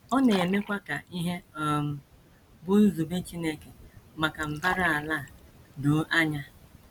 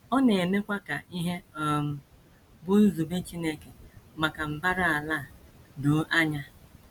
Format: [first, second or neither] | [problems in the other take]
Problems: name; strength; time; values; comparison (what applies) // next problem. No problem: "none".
second | background sound (Fill (with liquid)); 16 dB below the speech